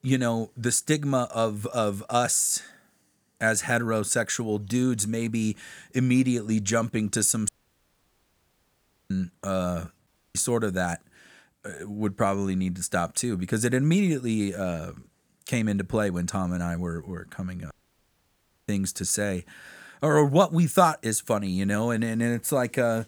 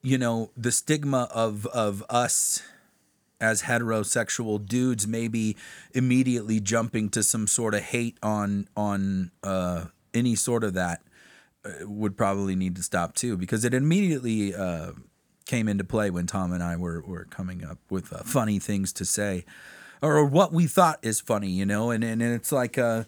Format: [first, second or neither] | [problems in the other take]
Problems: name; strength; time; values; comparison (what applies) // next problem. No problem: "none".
second | audio cutting out; at 7.5 s for 1.5 s, at 10 s and at 18 s for 1 s